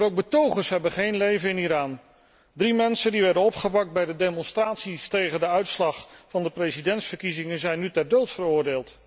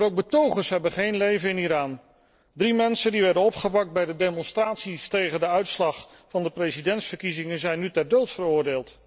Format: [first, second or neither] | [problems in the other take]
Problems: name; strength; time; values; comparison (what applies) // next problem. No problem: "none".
first | noise reduction (neural separator model SepFormer DNS4)